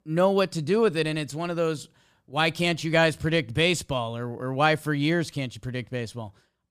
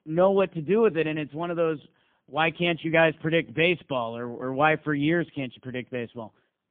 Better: first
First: none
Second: phone-call audio; poor line; nothing above 3.5 kHz

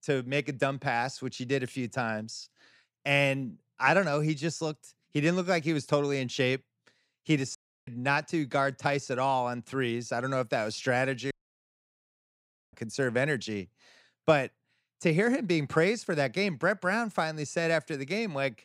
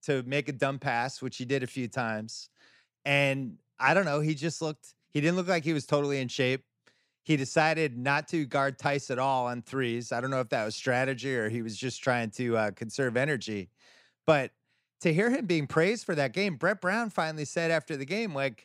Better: second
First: audio cutting out; at 7.5 s and at 11 s for 1.5 s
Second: none

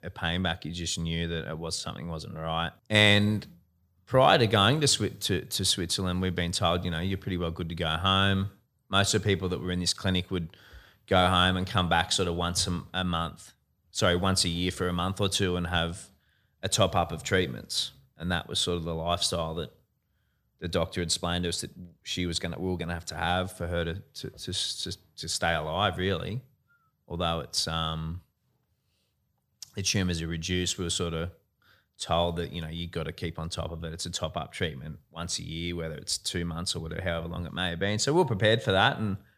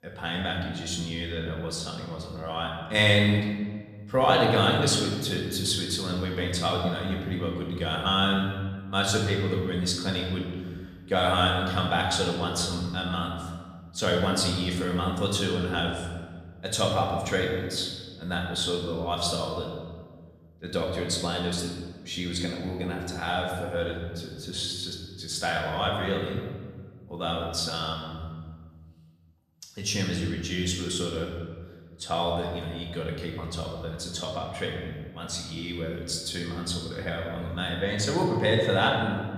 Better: first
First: none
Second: room echo; noticeable; dies away in 1.3 s // off-mic speech; somewhat distant

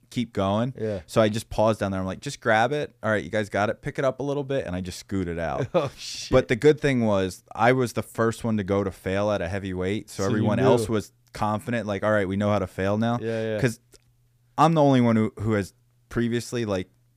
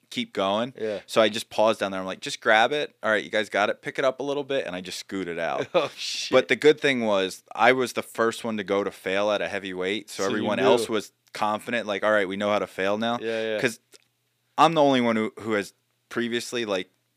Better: first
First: none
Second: thin; very slightly; fading below 300 Hz

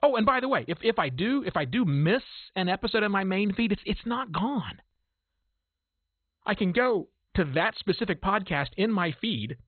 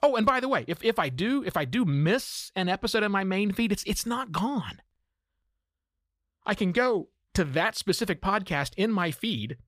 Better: second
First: garbled, watery; badly; nothing above 4 kHz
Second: none

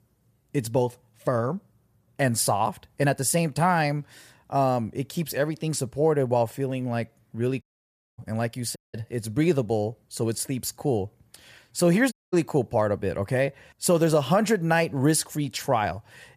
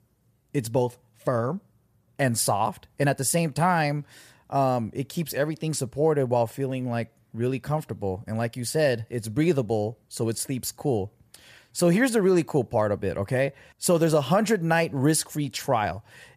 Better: second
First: audio cutting out; at 7.5 s for 0.5 s, at 9 s and at 12 s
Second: none

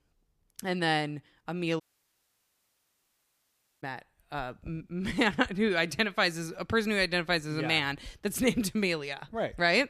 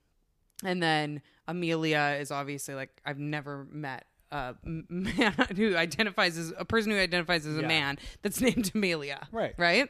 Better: second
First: audio cutting out; at 2 s for 2 s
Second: none

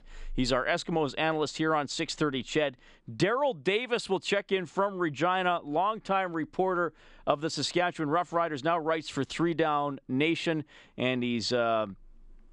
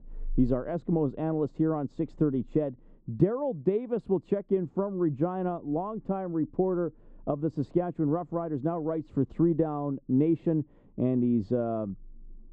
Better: first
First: none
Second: muffled; very; fading above 1 kHz

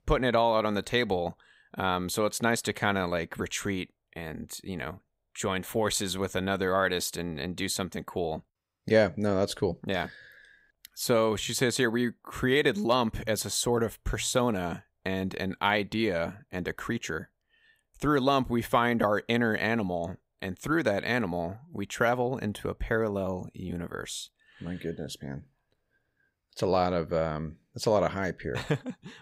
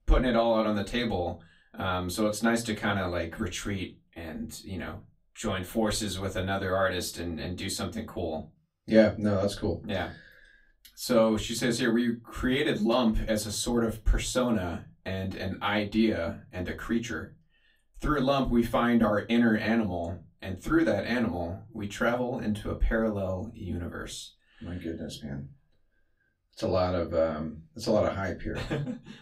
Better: first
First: none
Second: off-mic speech; far // room echo; very slight; dies away in 0.2 s

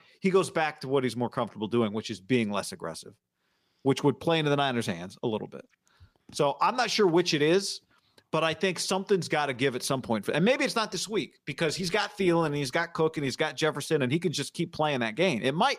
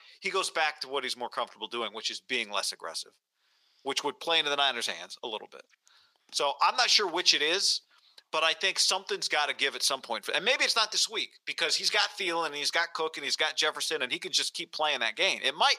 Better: first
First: none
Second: thin; very; fading below 700 Hz

